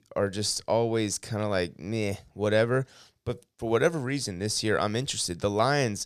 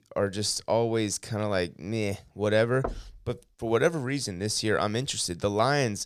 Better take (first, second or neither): first